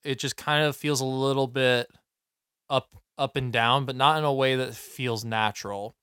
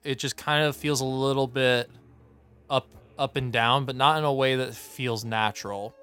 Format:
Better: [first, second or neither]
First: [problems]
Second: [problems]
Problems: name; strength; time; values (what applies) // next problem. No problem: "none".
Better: first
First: none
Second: background music; faint; throughout; 30 dB below the speech